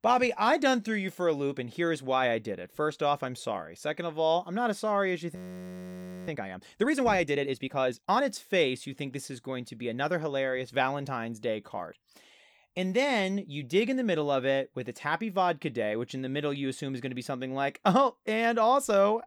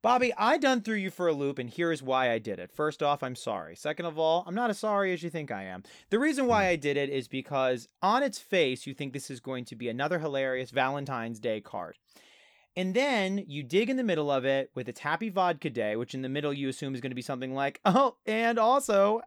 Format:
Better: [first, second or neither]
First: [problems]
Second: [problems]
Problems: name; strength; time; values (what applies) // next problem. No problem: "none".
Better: second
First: audio freezing; at 5.5 s for 1 s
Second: none